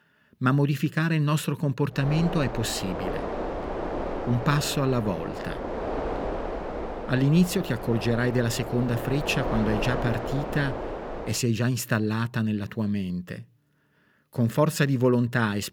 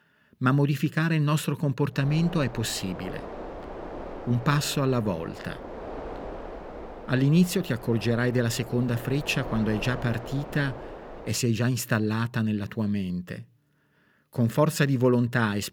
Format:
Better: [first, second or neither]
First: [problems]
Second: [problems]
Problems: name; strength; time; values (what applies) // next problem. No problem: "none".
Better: second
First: wind noise on the microphone; heavy; from 2 to 11 s; 4 dB below the speech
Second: wind noise on the microphone; occasional gusts; from 2 to 11 s; 10 dB below the speech